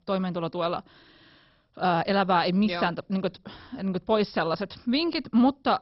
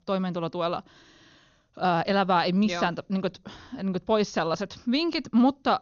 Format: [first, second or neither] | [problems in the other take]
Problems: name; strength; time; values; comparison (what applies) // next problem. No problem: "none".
second | garbled, watery; badly; nothing above 5 kHz; slightly in the second